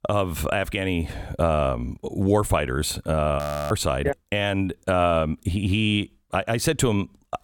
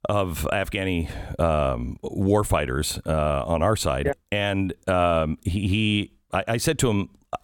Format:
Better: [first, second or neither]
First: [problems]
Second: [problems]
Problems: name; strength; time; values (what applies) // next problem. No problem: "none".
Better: second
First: audio freezing; at 3.5 s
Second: none